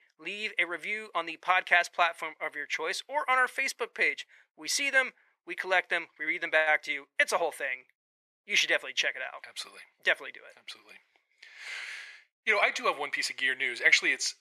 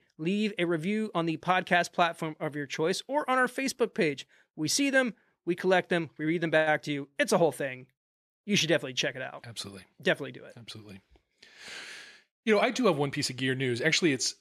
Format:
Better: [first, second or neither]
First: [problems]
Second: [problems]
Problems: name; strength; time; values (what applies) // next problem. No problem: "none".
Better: second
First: thin; very; fading below 750 Hz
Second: none